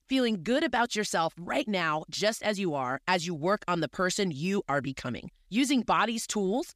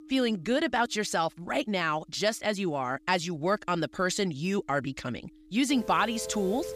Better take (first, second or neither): first